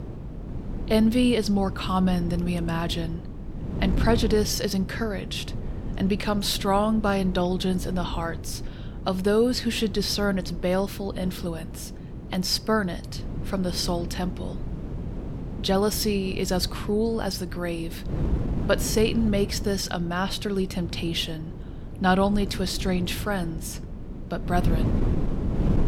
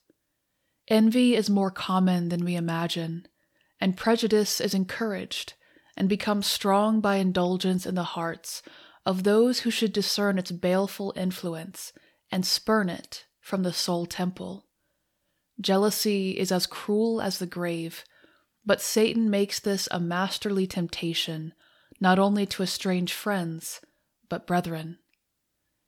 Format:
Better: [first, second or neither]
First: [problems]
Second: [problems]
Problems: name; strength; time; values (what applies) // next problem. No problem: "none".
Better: second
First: wind noise on the microphone; occasional gusts; 15 dB below the speech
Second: none